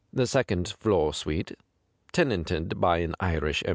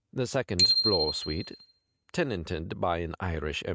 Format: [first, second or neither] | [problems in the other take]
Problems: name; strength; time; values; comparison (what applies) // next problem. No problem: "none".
first | noise reduction (neural mask model RNNoise)